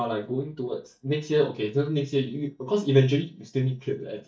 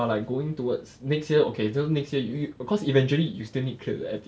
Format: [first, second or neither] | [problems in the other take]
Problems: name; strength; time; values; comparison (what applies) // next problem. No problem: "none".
second | noise reduction (neural mask model DeepFilterNet 3)